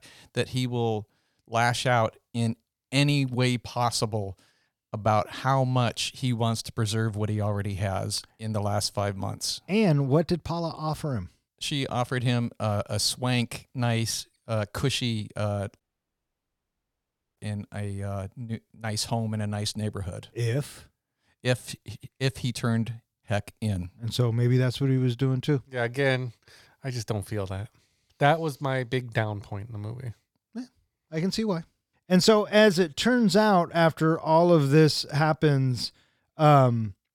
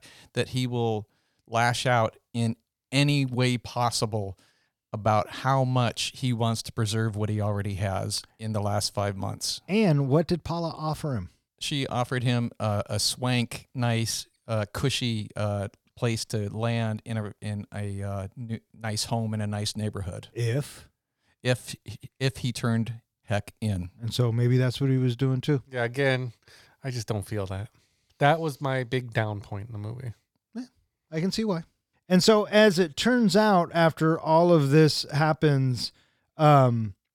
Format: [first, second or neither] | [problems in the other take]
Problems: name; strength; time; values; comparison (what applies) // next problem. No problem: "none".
second | audio cutting out; at 16 s for 1.5 s